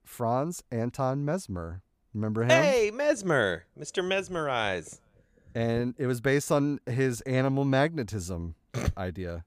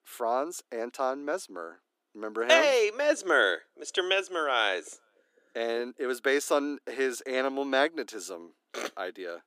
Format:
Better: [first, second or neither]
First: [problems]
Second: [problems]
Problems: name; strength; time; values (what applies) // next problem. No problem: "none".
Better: first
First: none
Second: thin; somewhat; fading below 300 Hz